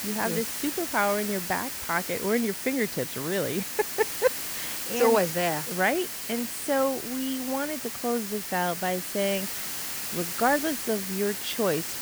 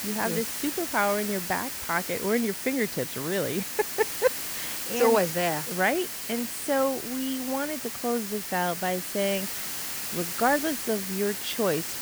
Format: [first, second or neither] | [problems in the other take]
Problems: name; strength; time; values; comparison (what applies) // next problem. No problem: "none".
neither | hiss; loud; throughout; 3 dB below the speech; the same in both